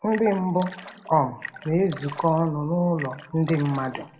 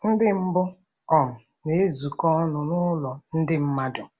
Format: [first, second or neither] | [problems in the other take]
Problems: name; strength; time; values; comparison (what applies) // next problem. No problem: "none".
second | background sound (Splash, splatter); 17 dB below the speech // room echo; dies away in 1.4 s